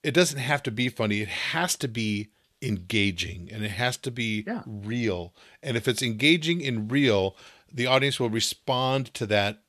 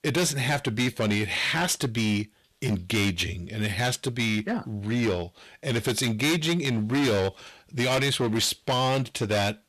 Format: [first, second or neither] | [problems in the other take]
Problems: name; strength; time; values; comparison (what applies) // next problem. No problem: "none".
first | distortion; heavy; 15% of the sound clipped